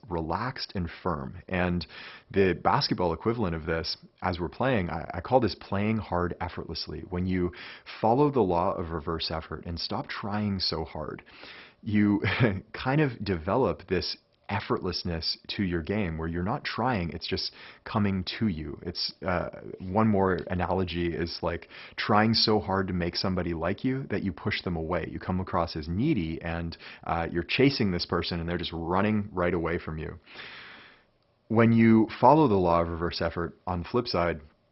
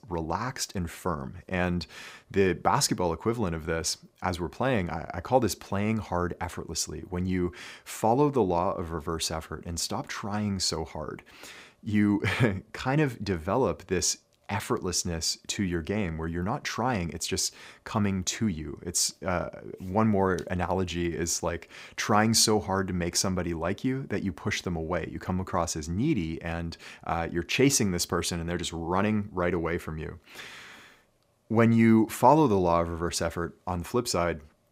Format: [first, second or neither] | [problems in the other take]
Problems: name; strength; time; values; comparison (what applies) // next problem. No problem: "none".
second | garbled, watery; badly; nothing above 5.5 kHz